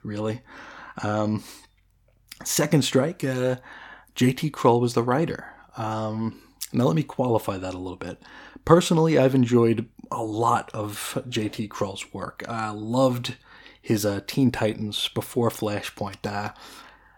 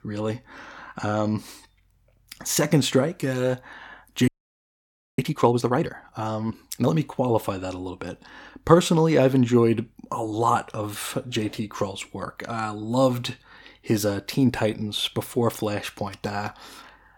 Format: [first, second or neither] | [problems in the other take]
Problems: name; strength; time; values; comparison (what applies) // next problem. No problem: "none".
first | audio freezing; at 4.5 s for 1 s